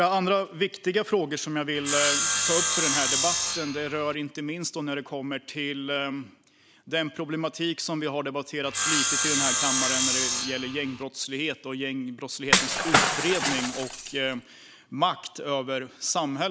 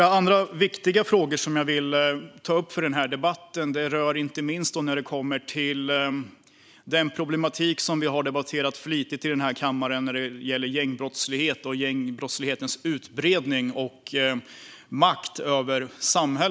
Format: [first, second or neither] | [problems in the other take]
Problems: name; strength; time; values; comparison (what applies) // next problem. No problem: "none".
second | background sound (Shatter / Crushing + Sawing); 4 dB above the speech